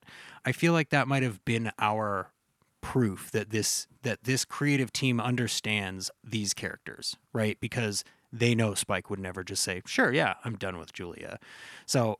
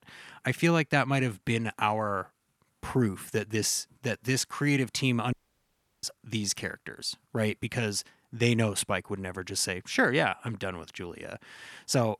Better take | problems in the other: first | audio cutting out; at 5.5 s for 0.5 s

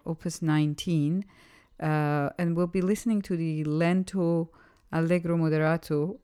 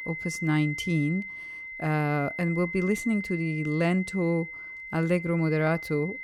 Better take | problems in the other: first | high-pitched whine; loud; throughout; 2 kHz, 8 dB below the speech

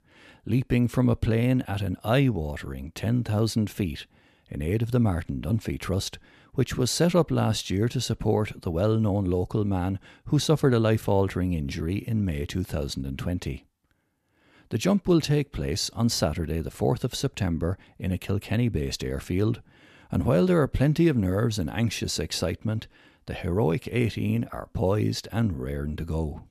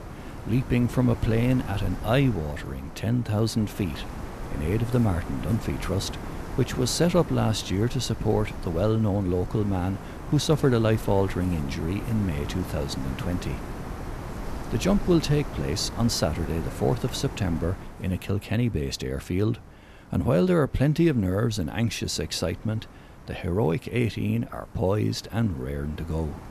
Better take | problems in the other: first | wind noise on the microphone; occasional gusts; 10 dB below the speech

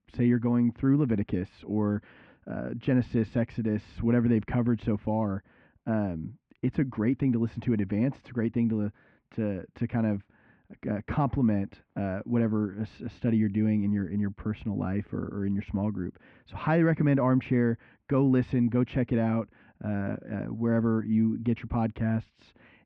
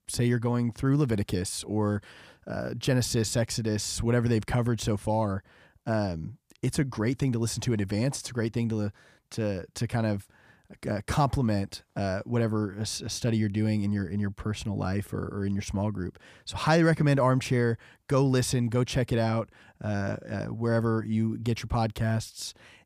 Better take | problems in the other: second | muffled; very; fading above 2.5 kHz

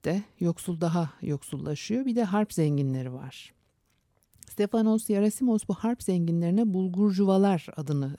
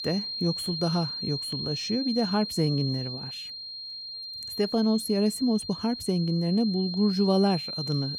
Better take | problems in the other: first | high-pitched whine; loud; throughout; 4 kHz, 6 dB below the speech

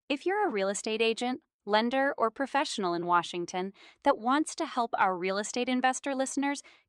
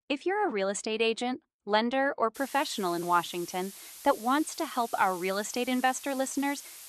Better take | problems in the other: first | hiss; noticeable; from 2.5 s on; 15 dB below the speech

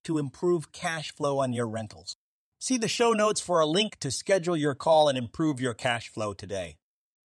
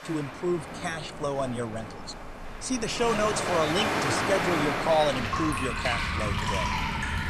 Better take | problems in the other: first | rain or running water; very loud; throughout; as loud as the speech

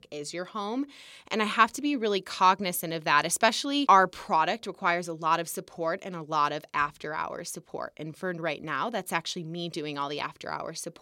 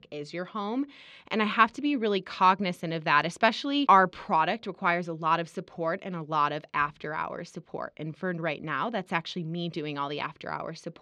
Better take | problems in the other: first | muffled; slightly; fading above 3 kHz

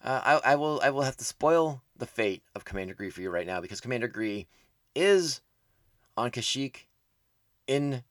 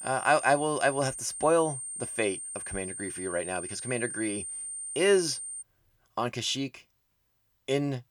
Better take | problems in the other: first | high-pitched whine; loud; until 5.5 s; 9 kHz, 7 dB below the speech

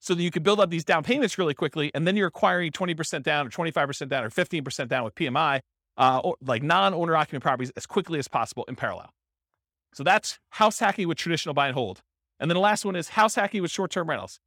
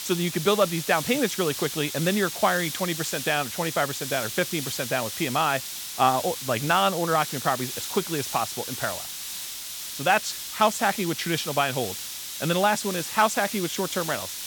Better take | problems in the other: first | hiss; loud; throughout; 6 dB below the speech

